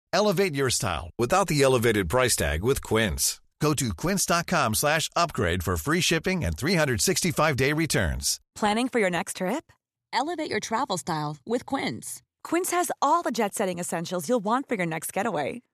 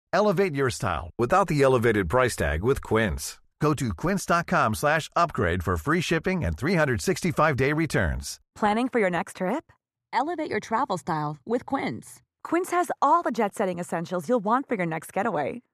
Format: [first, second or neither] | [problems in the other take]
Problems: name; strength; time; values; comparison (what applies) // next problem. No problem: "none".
first | muffled; slightly; fading above 2.5 kHz